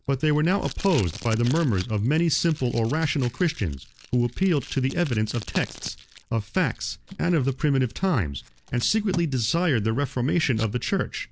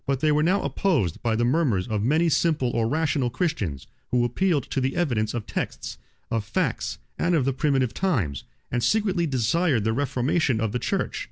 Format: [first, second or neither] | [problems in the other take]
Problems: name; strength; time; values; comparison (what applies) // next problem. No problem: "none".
second | background sound (Packing tape, duct tape); 18 dB below the speech